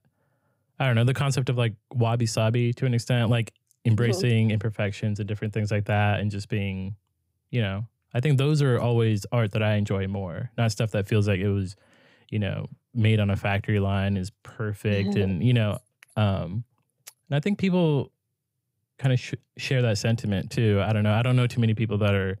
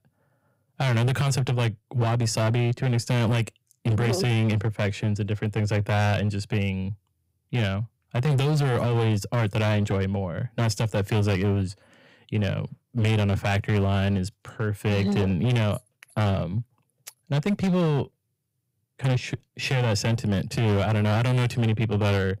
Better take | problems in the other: first | distortion; slight; 17% of the sound clipped

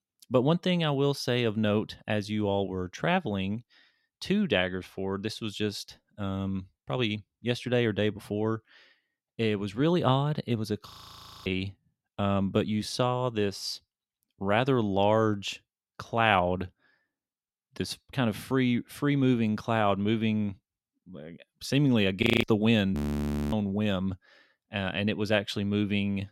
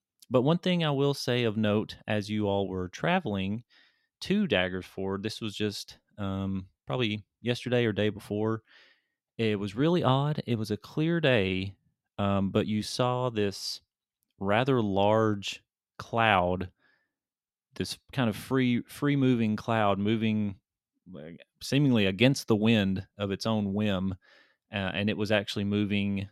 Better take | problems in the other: second | audio freezing; at 11 s for 0.5 s, at 22 s and at 23 s for 0.5 s

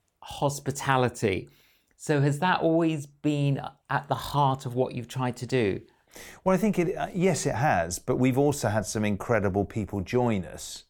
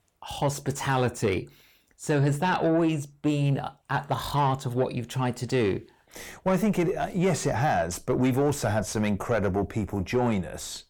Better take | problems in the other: first | distortion; slight; 10 dB below the speech

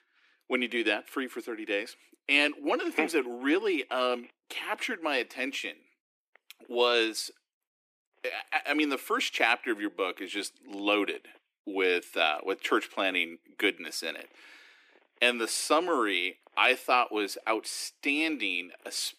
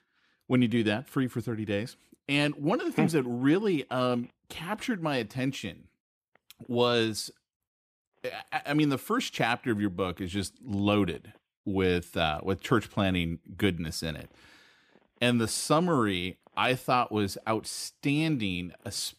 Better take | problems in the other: second | thin; somewhat; fading below 300 Hz

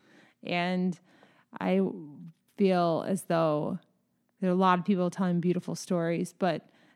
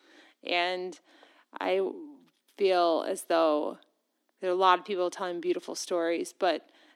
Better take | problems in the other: first | thin; very; fading below 300 Hz

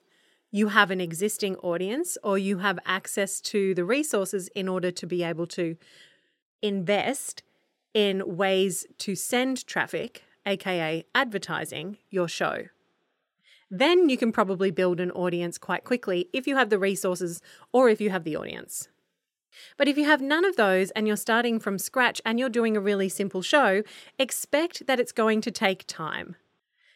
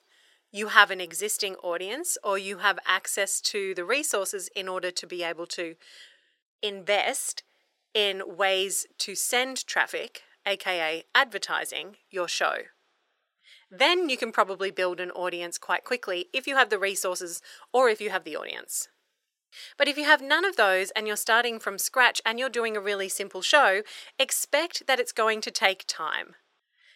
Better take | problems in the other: first | thin; very; fading below 600 Hz

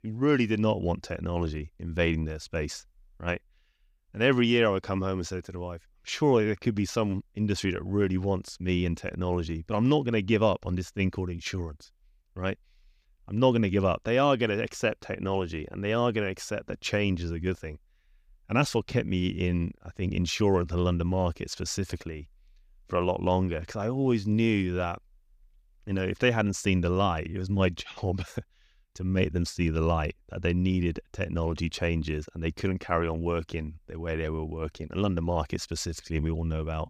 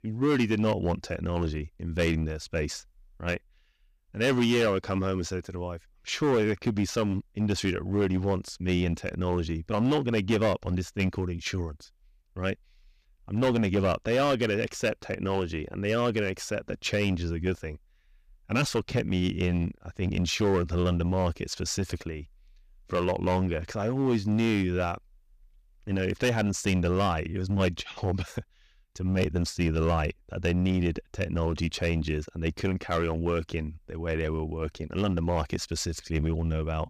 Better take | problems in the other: first | distortion; slight; 6% of the sound clipped

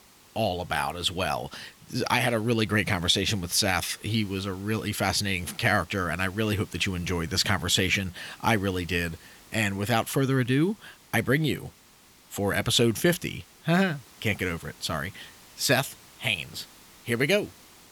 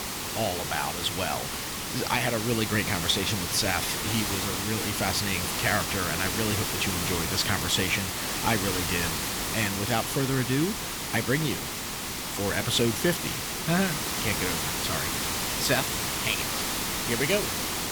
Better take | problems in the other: first | hiss; loud; throughout; as loud as the speech; faint in the first

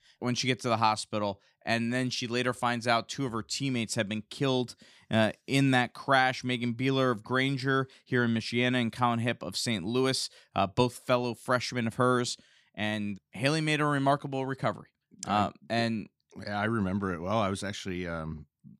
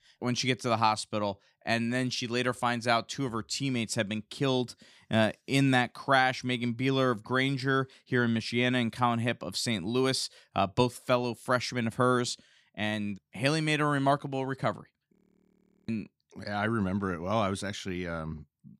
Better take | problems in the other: first | audio freezing; at 15 s for 1 s

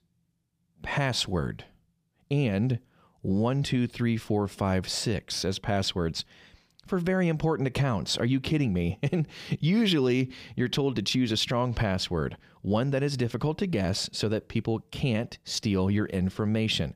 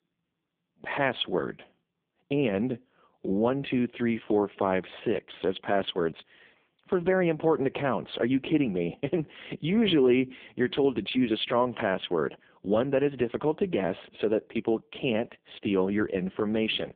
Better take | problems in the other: first | phone-call audio; poor line; nothing above 3.5 kHz

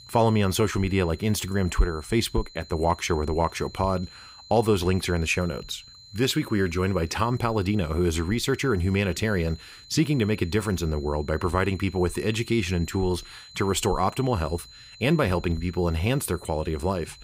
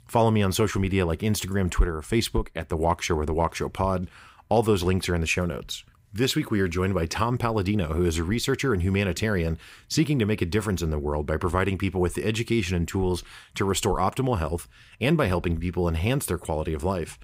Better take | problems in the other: second | high-pitched whine; faint; throughout; 4 kHz, 20 dB below the speech

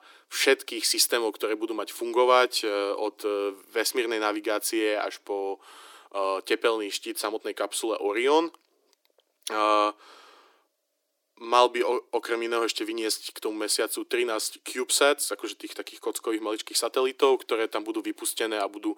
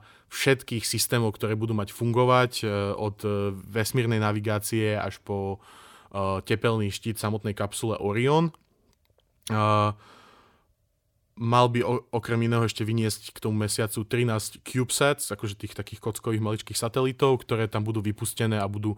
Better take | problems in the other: second | thin; very; fading below 300 Hz

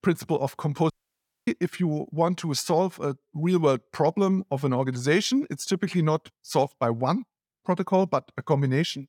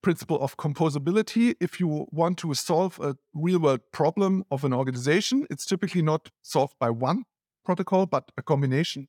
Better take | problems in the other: second | audio cutting out; at 1 s for 0.5 s

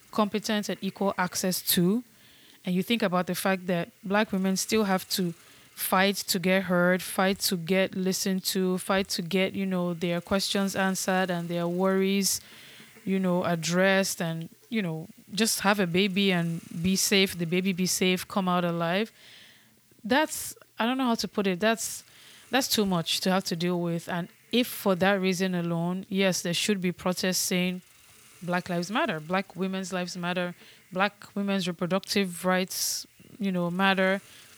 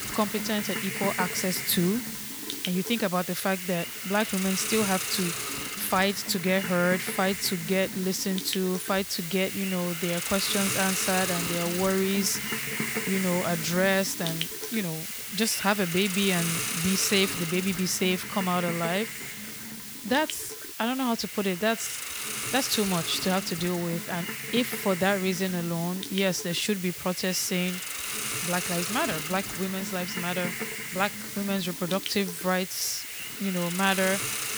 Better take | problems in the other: first | hiss; loud; throughout; 4 dB below the speech; faint in the first

